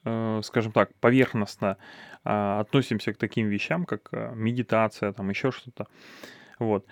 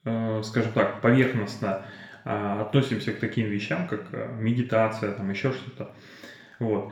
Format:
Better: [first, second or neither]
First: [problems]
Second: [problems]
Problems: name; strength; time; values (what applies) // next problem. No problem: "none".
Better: first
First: none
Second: room echo; slight; dies away in 0.8 s // off-mic speech; somewhat distant